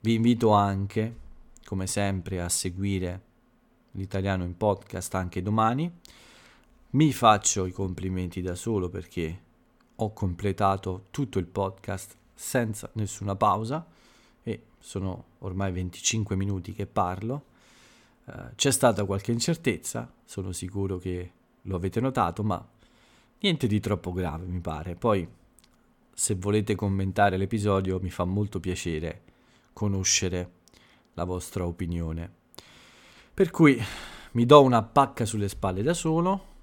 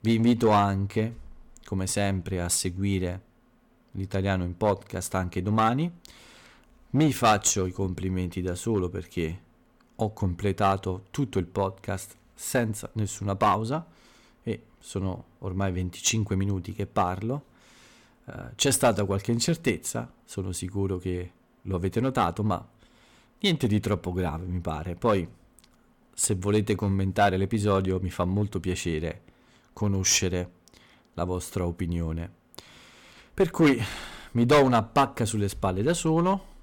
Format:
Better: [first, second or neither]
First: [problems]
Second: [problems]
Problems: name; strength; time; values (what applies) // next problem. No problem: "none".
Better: first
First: none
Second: distortion; slight; 2% of the sound clipped